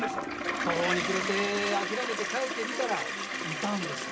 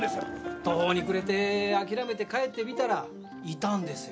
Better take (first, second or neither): second